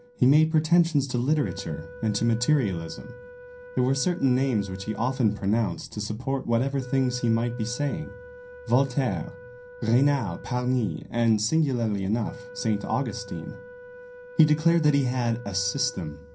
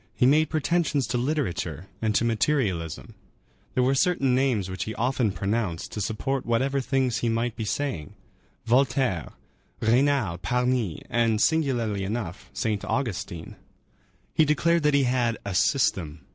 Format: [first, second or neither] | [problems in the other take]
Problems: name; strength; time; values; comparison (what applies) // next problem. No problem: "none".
second | background sound (Wind instrument, woodwind instrument); 19 dB below the speech // room echo; dies away in 0.3 s